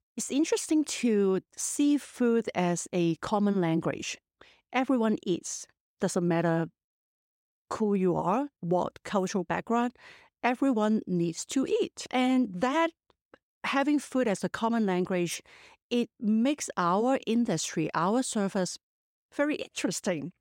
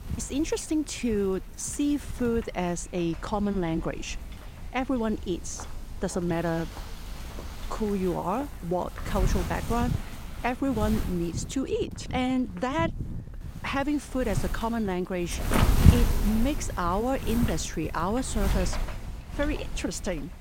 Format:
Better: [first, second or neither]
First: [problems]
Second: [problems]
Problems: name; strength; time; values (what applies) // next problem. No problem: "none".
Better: first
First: none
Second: wind noise on the microphone; heavy; 8 dB below the speech